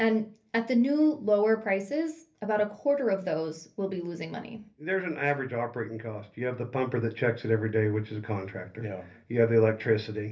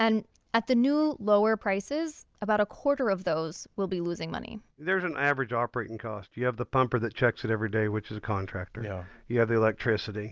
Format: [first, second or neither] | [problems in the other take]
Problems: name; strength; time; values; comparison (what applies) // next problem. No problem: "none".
second | room echo; dies away in 0.3 s